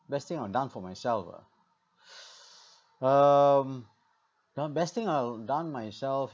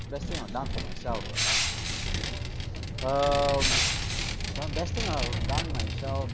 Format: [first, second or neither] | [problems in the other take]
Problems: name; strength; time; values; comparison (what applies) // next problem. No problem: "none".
first | background sound (Vehicle + Crushing); 4 dB above the speech